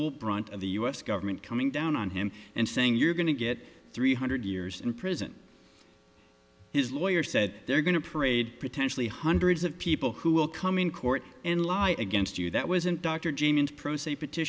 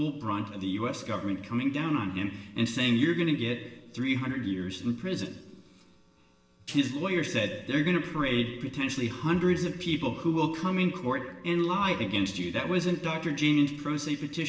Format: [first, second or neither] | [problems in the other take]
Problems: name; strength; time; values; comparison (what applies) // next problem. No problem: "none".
first | noise reduction (neural separator model SepFormer DNS4)